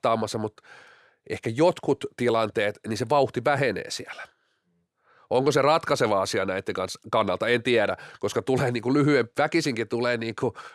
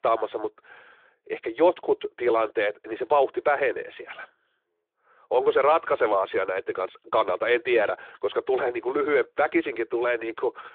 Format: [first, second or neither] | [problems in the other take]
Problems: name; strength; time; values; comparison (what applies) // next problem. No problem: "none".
first | phone-call audio; nothing above 3.5 kHz